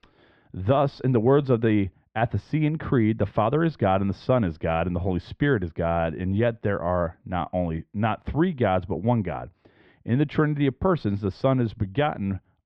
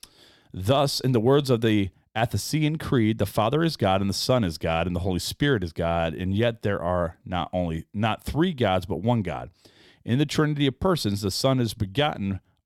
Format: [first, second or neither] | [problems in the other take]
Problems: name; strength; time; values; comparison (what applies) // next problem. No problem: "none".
second | muffled; very; fading above 2 kHz